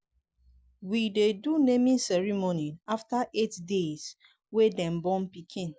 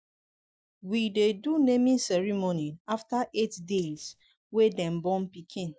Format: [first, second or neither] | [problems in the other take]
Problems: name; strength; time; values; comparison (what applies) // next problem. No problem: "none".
first | noise reduction (neural mask model DeepFilterNet 3)